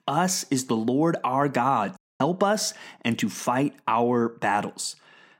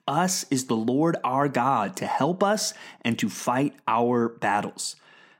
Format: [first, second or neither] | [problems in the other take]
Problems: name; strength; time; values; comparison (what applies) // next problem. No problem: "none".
second | audio cutting out; at 2 s